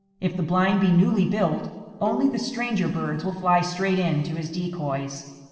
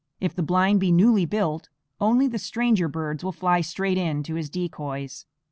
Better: second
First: noise reduction (neural separator model SepFormer DNS4)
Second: none

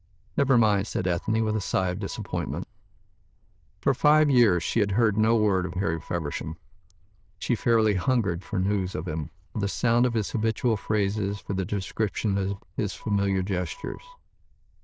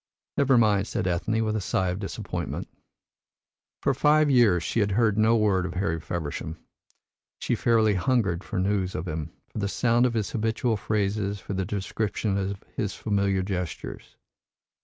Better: second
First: noise reduction (neural diffusion model UNIVERSE++)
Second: none

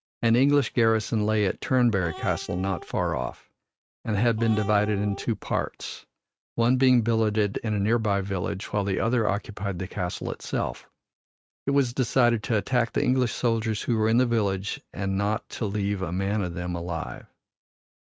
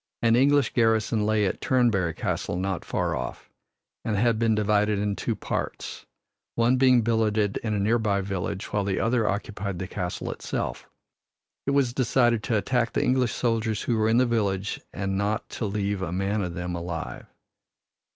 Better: second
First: noise reduction (neural mask model RNNoise)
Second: none

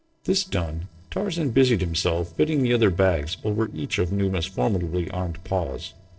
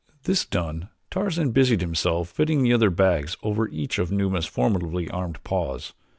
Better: second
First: noise reduction (neural separator model SepFormer DNS4)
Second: none

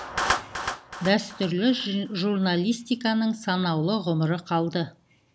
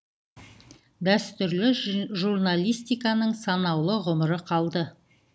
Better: second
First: background sound (Clapping); 10 dB below the speech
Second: none

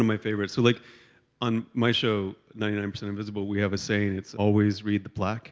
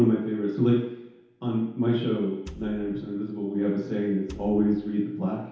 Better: first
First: none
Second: background sound (Wood); 20 dB below the speech // room echo; dies away in 0.8 s

